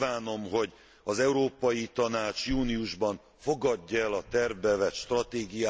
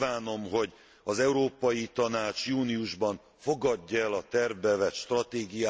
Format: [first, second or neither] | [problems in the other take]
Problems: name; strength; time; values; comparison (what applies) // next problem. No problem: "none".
second | background sound (Wind); 19 dB below the speech